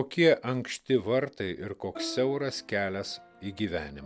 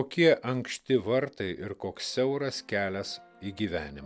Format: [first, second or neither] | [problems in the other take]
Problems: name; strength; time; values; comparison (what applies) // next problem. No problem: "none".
second | background sound (Plucked string instrument); 15 dB below the speech